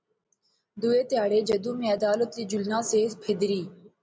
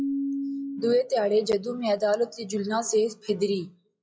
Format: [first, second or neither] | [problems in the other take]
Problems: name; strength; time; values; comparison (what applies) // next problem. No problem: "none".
first | noise reduction (classical method log-MMSE)